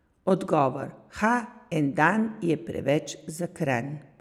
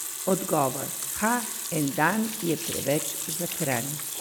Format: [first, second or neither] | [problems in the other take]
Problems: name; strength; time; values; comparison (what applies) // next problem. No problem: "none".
first | background sound (Sink (filling or washing) / Water tap, faucet); 5 dB below the speech